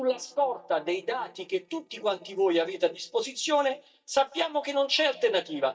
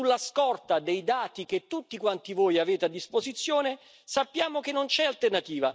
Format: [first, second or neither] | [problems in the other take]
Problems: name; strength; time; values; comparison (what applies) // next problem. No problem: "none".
second | noise reduction (neural mask model DeepFilterNet 3)